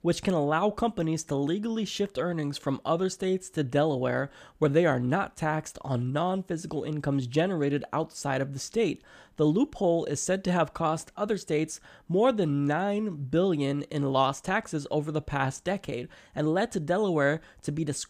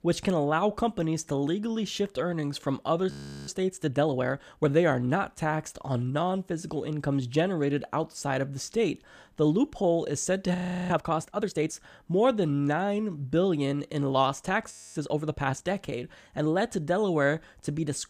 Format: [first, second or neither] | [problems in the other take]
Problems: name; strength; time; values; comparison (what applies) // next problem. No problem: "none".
first | audio freezing; at 3 s, at 11 s and at 15 s